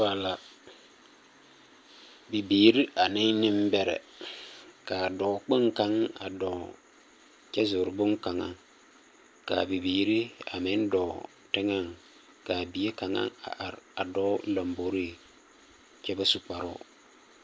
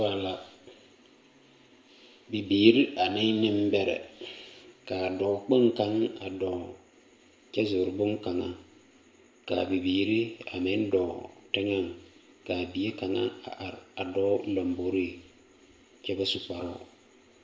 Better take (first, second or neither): first